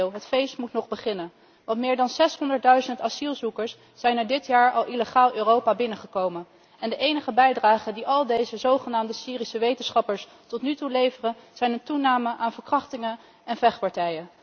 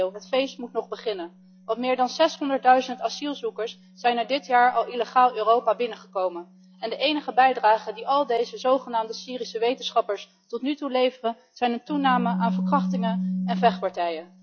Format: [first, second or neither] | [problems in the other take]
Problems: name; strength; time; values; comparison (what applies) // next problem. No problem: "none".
first | noise reduction (classical method log-MMSE)